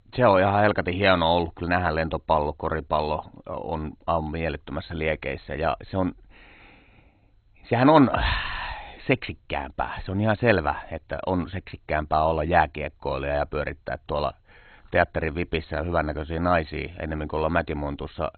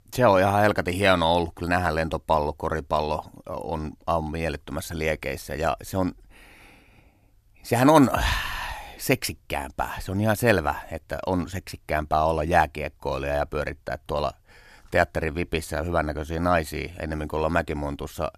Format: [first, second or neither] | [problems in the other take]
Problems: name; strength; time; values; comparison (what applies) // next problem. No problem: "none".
second | garbled, watery; badly; nothing above 4 kHz